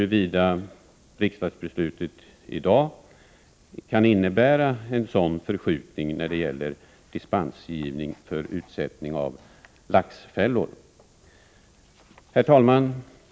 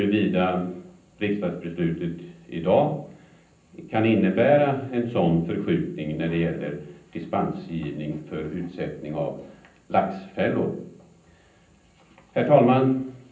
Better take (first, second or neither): first